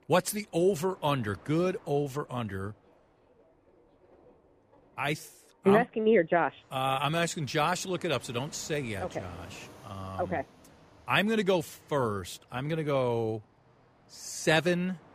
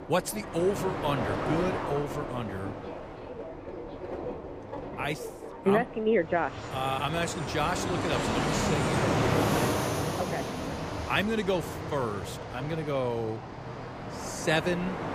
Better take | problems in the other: first | train or aircraft noise; loud; throughout; 2 dB below the speech; faint in the first

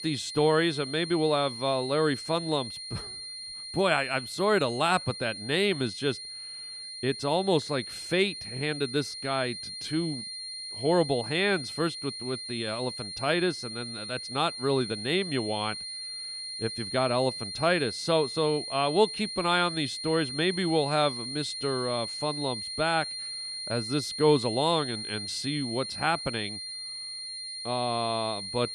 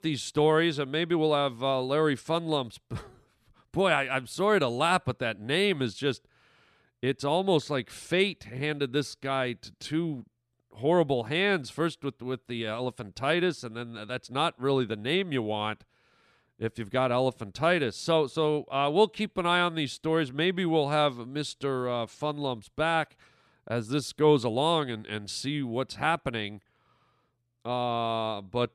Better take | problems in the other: second | high-pitched whine; loud; throughout; 4 kHz, 7 dB below the speech

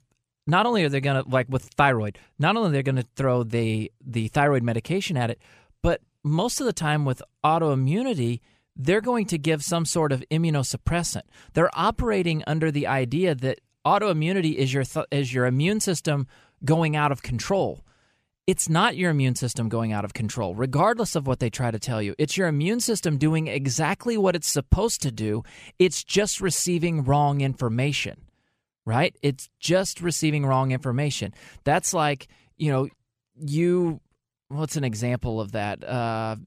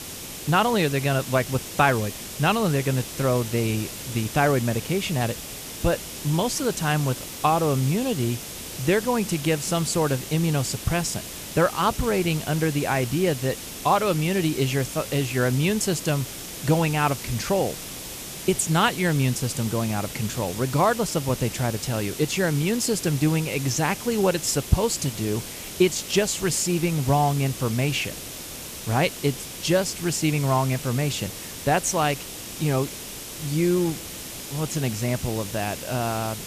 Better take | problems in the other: first | hiss; loud; throughout; 9 dB below the speech

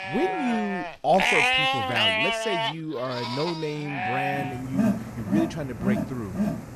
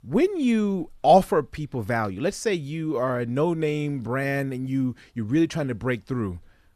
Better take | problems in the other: second | animal sounds; very loud; throughout; 4 dB above the speech

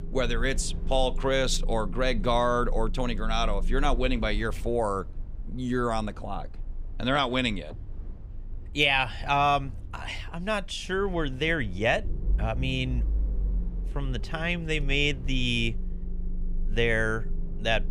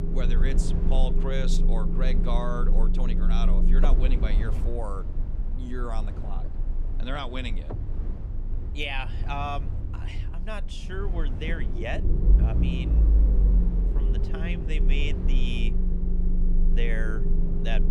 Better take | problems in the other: first | low rumble; loud; throughout; 6 dB below the speech; faint in the first

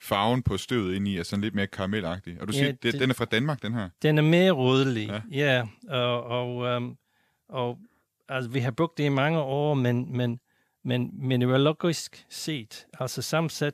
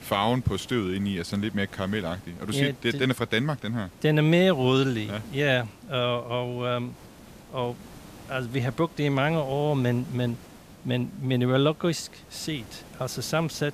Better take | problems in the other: first | hiss; faint; throughout; 20 dB below the speech

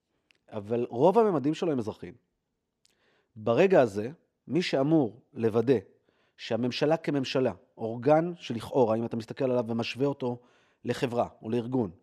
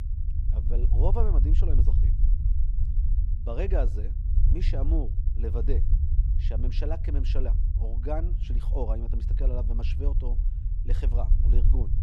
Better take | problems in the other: first | low rumble; loud; throughout; 8 dB below the speech

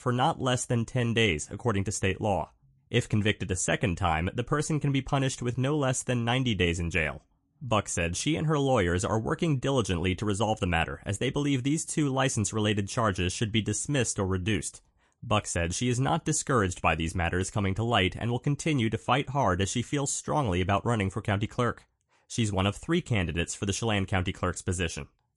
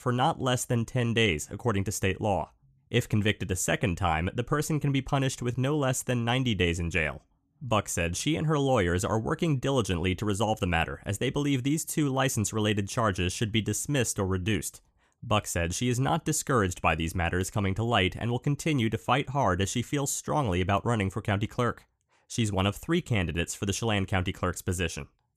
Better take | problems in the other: second | garbled, watery; slightly

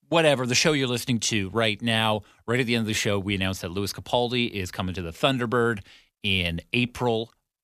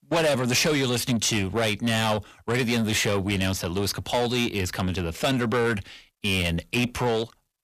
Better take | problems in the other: first | distortion; heavy; 7 dB below the speech

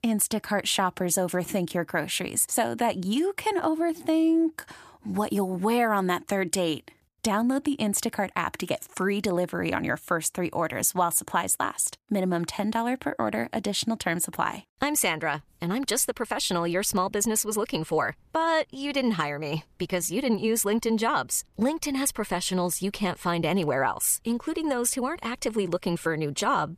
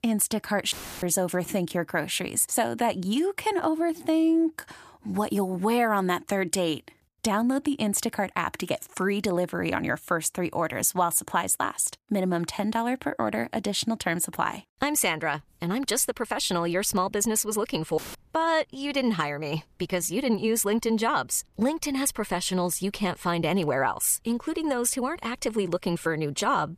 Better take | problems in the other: first | audio cutting out; filled with static; at 0.5 s and at 18 s

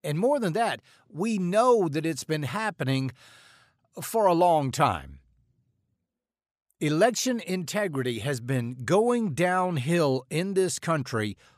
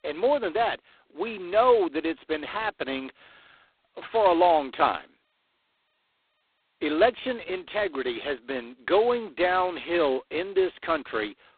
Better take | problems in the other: first | phone-call audio; poor line; nothing above 4 kHz

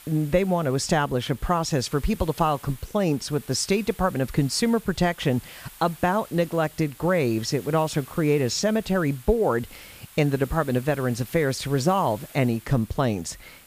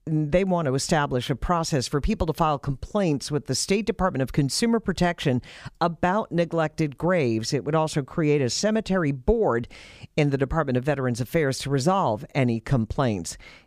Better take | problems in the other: second | hiss; faint; throughout; 20 dB below the speech

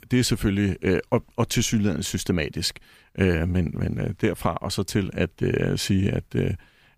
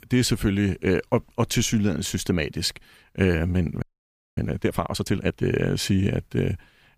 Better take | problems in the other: first | audio freezing; at 4 s for 0.5 s

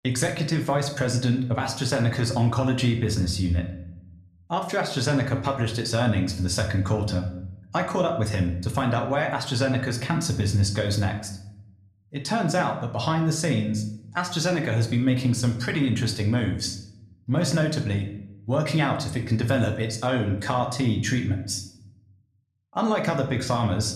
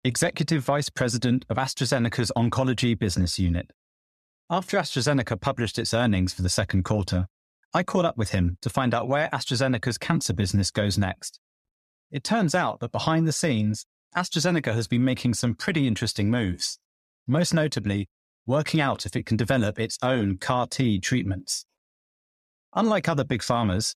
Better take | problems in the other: second | room echo; slight; dies away in 0.6 s

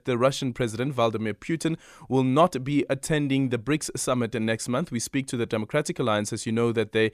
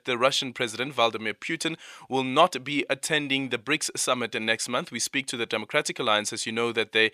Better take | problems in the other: first | thin; somewhat; fading below 550 Hz

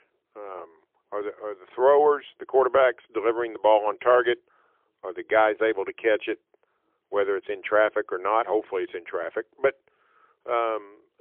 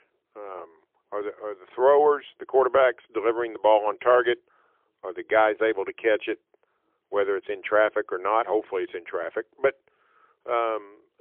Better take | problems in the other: neither | phone-call audio; poor line; nothing above 3.5 kHz; the same in both

